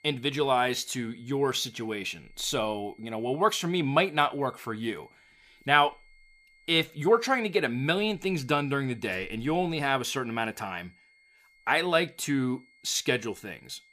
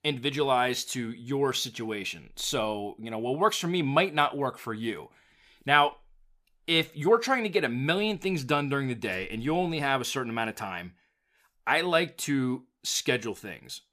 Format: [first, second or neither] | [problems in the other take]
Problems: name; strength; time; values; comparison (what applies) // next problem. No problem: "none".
second | high-pitched whine; faint; throughout; 2 kHz, 30 dB below the speech